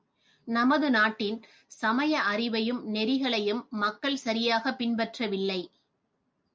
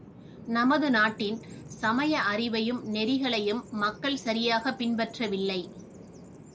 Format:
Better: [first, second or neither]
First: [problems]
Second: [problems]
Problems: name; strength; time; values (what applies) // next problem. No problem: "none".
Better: first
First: none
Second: background sound (Bird vocalization, bird call, bird song); 17 dB below the speech